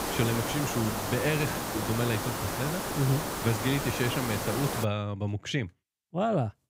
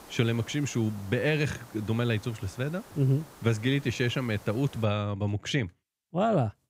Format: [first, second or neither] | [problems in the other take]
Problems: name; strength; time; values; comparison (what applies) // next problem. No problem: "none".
second | hiss; loud; until 5 s; 1 dB below the speech; faint in the second